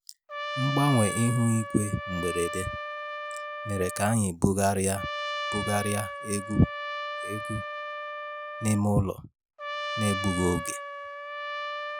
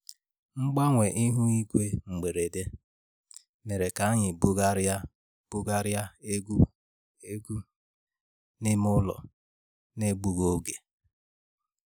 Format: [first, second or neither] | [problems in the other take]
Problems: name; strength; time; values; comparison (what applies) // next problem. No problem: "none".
second | background sound (Trumpet); 6 dB below the speech